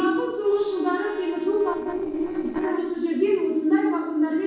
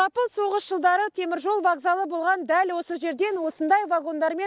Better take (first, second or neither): second